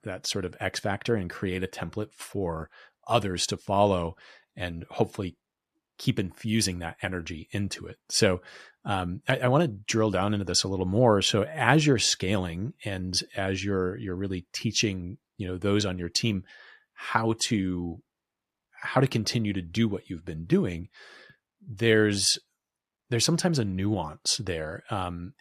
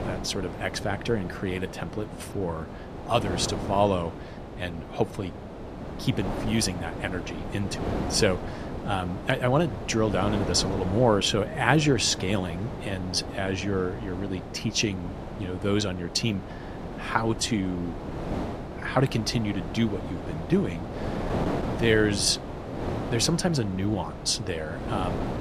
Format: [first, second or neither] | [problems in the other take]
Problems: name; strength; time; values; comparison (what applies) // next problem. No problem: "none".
first | wind noise on the microphone; heavy; 9 dB below the speech